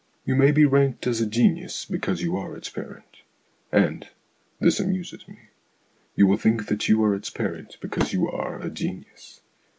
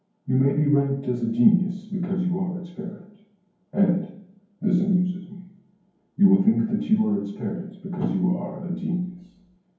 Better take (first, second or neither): first